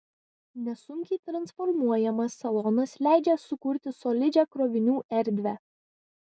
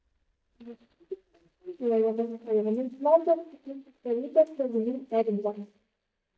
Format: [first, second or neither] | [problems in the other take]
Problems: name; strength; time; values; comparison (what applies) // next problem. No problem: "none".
first | noise reduction (neural mask model DeepFilterNet 3)